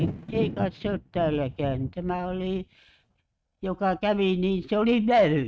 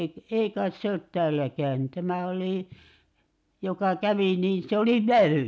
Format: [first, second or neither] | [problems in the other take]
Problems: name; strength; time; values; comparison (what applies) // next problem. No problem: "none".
second | noise reduction (neural mask model RNNoise)